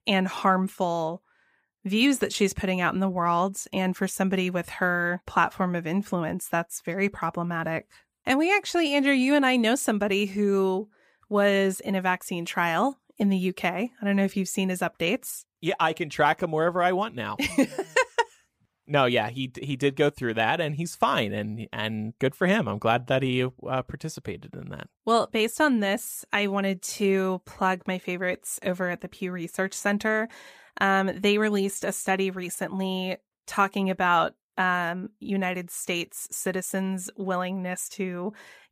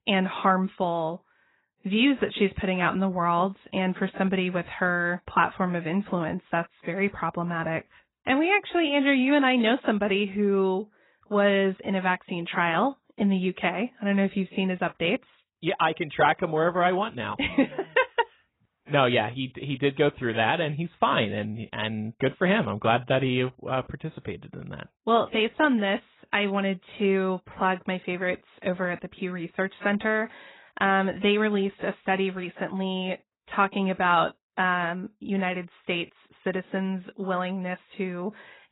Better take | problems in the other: first | garbled, watery; badly; nothing above 4 kHz

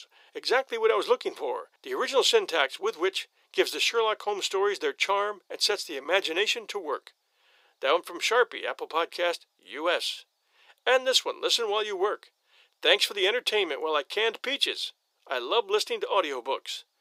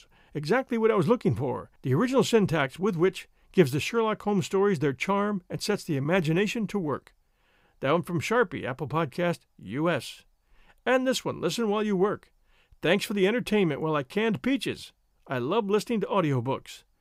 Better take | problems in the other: second | thin; very; fading below 400 Hz

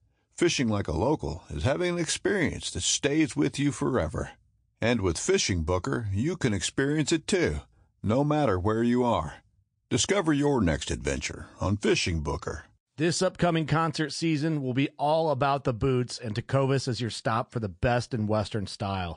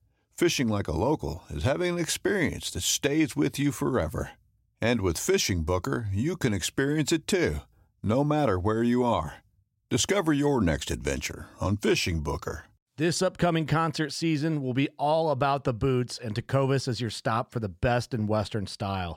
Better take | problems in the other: second | garbled, watery; slightly; nothing above 8.5 kHz

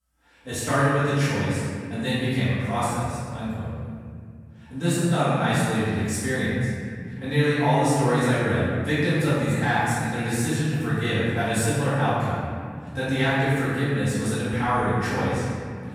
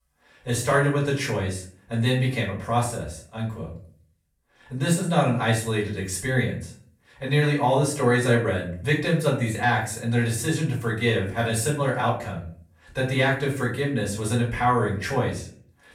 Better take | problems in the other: second | room echo; strong; dies away in 2.5 s; slight in the second // off-mic speech; far; far in the second

